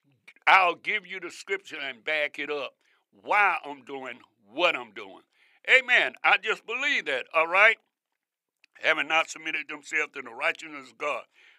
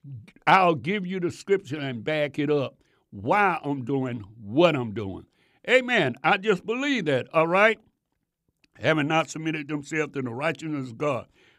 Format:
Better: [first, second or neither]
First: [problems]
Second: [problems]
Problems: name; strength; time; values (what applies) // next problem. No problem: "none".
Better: second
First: thin; very; fading below 650 Hz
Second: none